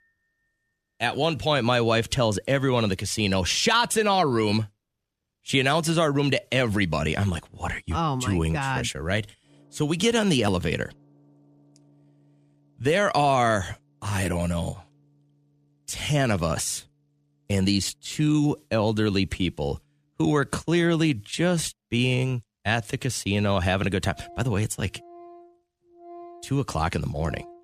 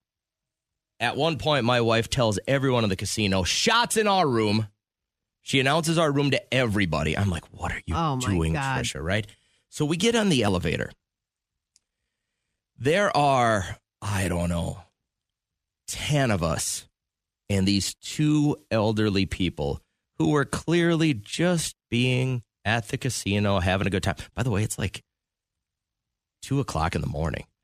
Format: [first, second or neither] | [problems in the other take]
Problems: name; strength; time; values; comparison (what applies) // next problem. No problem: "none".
second | background music; faint; throughout; 25 dB below the speech